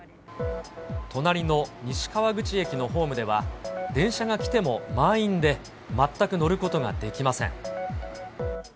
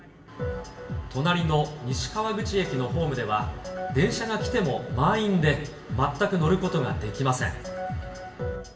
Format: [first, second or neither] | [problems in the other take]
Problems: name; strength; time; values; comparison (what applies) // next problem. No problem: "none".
first | room echo; dies away in 0.7 s